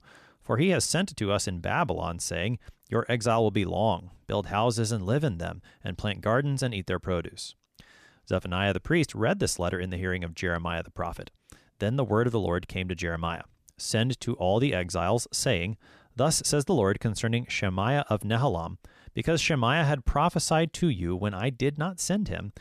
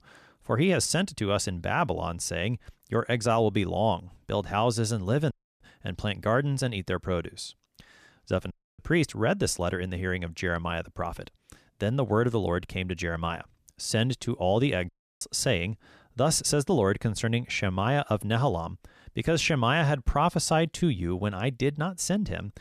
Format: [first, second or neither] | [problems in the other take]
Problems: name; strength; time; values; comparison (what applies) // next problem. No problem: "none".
first | audio cutting out; at 5.5 s, at 8.5 s and at 15 s